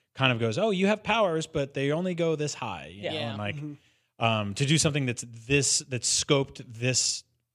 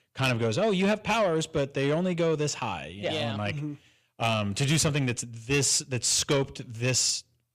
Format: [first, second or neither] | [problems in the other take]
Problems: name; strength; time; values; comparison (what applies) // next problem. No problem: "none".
first | distortion; slight; 10 dB below the speech